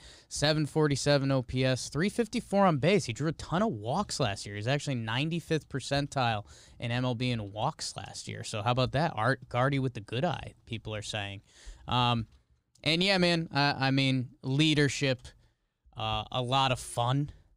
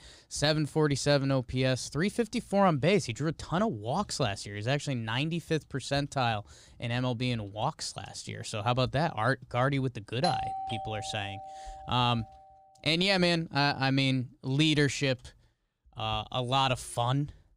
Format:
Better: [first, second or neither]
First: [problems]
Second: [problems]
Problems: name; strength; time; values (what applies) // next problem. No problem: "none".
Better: first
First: none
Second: doorbell; noticeable; from 10 to 12 s; peak 3 dB below the speech